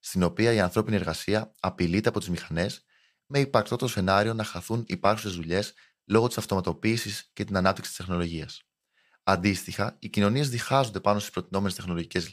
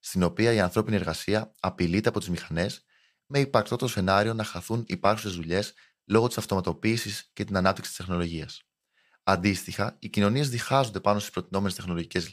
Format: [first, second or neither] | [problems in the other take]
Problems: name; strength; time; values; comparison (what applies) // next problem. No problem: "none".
neither | none